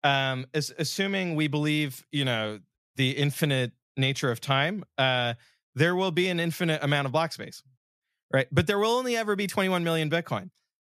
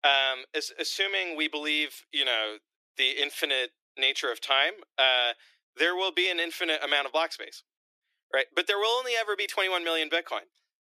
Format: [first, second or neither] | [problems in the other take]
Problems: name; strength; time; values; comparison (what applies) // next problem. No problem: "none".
first | thin; very; fading below 300 Hz